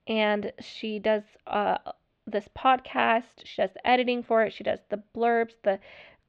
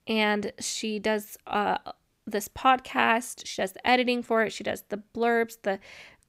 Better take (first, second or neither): second